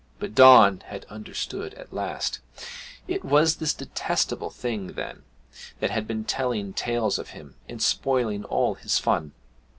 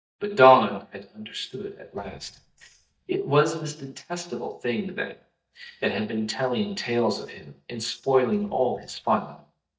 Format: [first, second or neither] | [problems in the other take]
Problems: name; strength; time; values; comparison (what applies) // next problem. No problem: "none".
first | noise reduction (neural mask model DeepFilterNet 3)